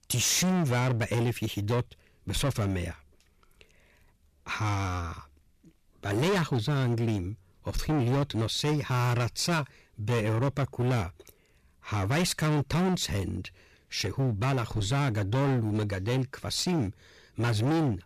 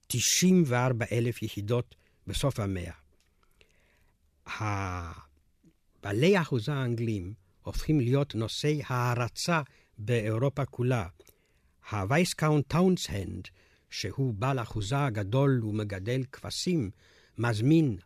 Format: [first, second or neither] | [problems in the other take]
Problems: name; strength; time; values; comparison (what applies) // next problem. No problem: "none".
second | distortion; heavy; 17% of the sound clipped